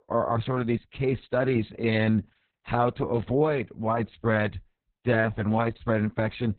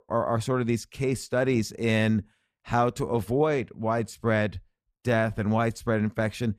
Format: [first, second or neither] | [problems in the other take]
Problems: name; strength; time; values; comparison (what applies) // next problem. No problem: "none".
second | garbled, watery; badly; nothing above 4 kHz